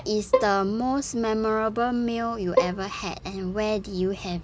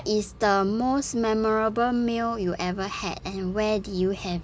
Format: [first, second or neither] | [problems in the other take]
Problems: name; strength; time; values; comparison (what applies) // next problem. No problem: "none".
second | background sound (Bowed string instrument); 5 dB below the speech